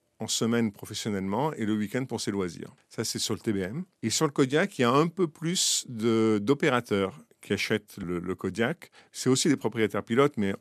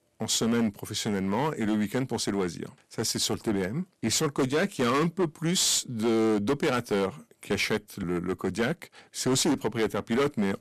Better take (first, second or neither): first